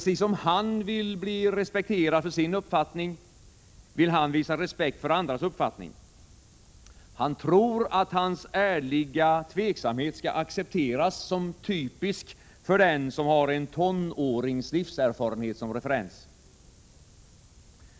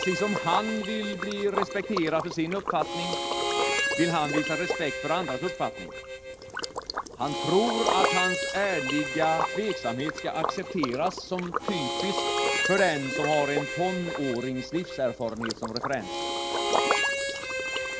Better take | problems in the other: first | background sound (Liquid + Harmonica); as loud as the speech

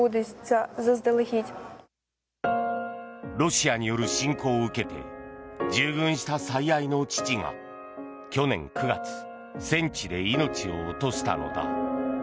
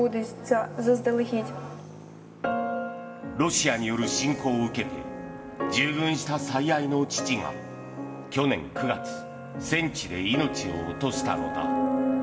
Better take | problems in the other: first | background sound (Traffic noise, roadway noise); 15 dB below the speech // room echo; dies away in 2.8 s

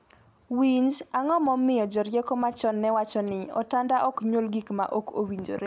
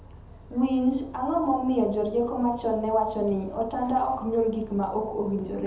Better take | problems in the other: first | background sound (Bus); 20 dB below the speech // room echo; dies away in 0.7 s

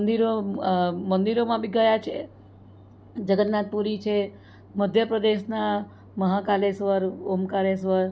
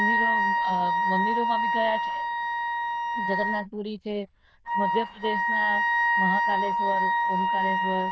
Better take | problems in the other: first | noise reduction (neural diffusion model UNIVERSE++)

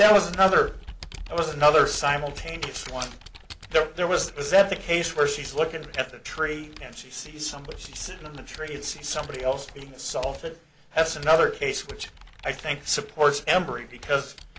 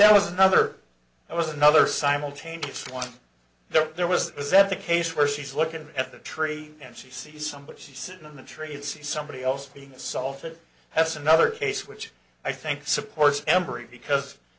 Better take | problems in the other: second | background sound (Computer keyboard); 17 dB below the speech

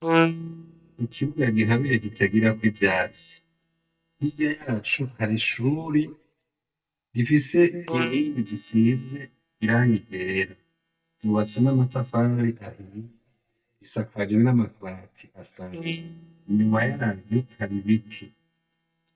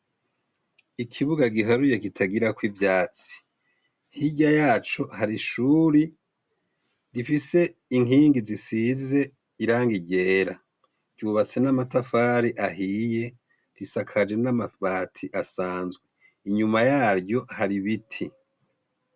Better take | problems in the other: second | noise reduction (neural mask model DeepFilterNet 3)

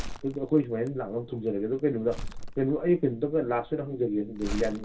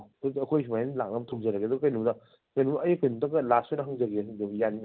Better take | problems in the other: second | background sound (Crumpling, crinkling); 10 dB below the speech // room echo; dies away in 0.1 s

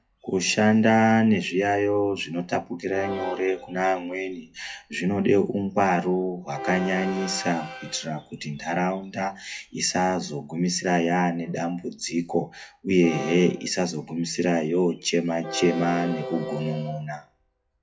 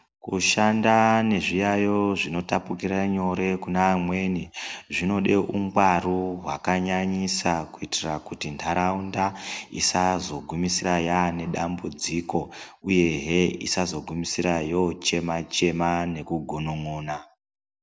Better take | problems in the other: second | noise reduction (classical method WPE with log-MMSE)

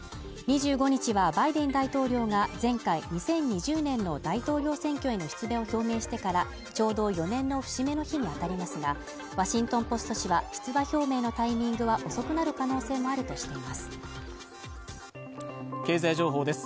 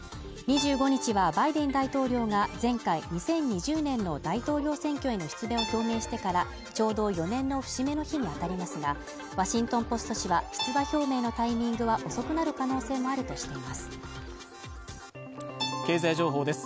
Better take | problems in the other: first | background sound (Keyboard (musical)); 15 dB below the speech

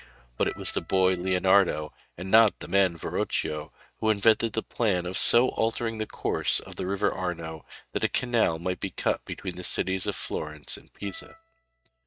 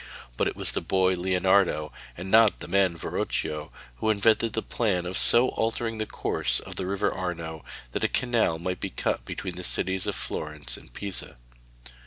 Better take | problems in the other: second | noise reduction (neural mask model RNNoise)

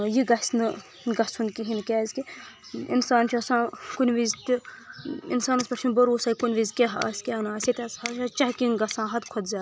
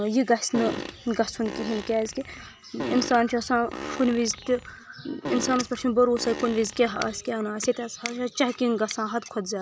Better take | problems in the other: first | background sound (Fart); 11 dB below the speech

